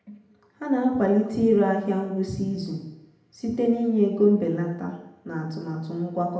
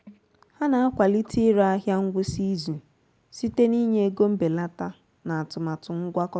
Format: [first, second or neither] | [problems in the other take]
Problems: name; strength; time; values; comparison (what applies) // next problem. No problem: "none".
second | room echo; dies away in 0.8 s